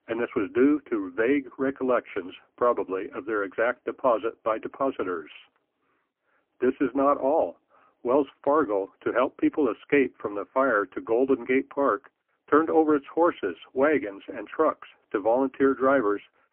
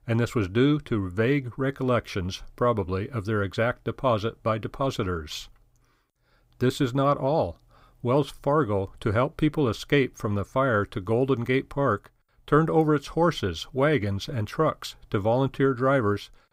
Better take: second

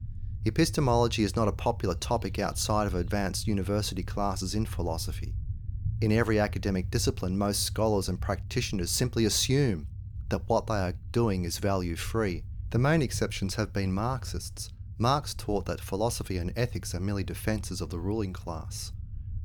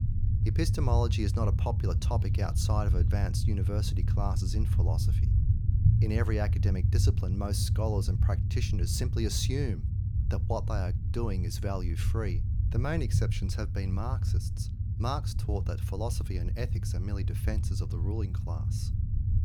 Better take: first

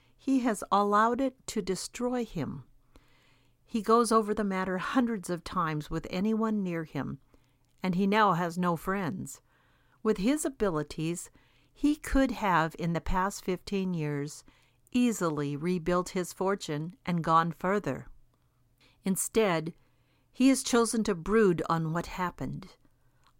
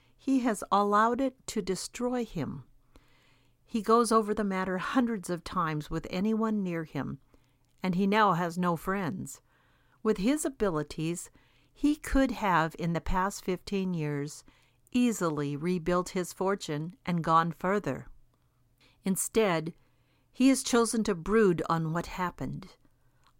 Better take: neither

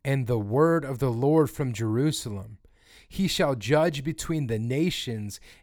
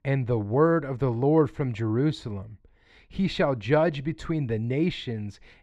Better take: first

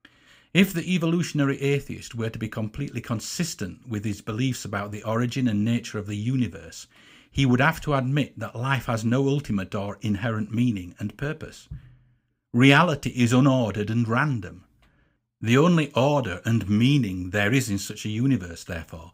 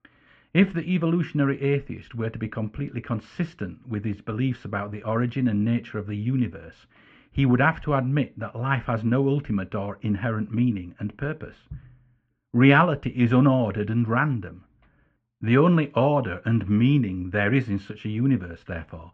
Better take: first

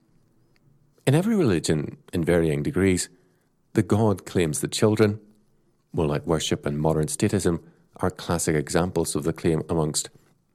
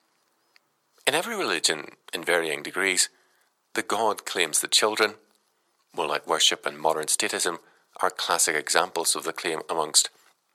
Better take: first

